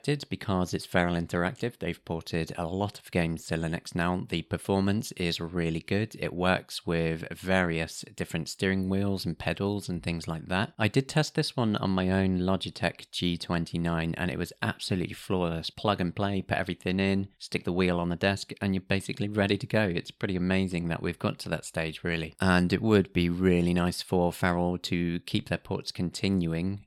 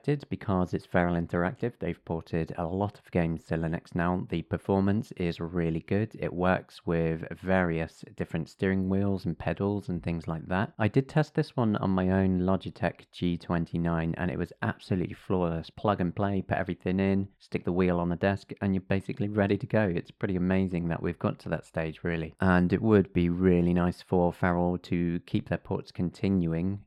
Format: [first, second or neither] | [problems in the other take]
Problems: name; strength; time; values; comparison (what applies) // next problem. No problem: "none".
first | muffled; slightly; fading above 2.5 kHz